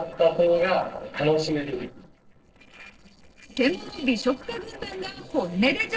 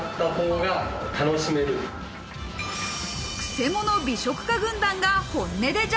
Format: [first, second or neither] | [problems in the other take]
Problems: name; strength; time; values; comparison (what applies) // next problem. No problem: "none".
second | noise reduction (neural separator model SepFormer DNS4)